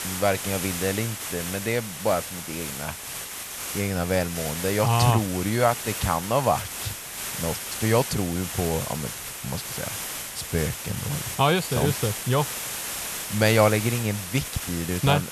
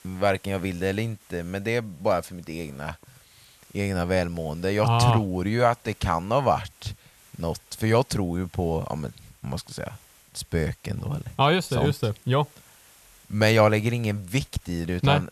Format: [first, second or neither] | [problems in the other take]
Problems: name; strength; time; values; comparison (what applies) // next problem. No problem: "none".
second | hiss; loud; throughout; 6 dB below the speech; faint in the second